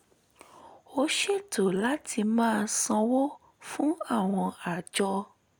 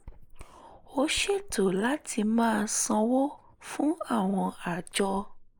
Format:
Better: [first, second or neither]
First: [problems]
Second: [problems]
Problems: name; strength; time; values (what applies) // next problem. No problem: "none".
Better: first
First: none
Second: noise reduction (neural mask model Resemble Enhance denoiser)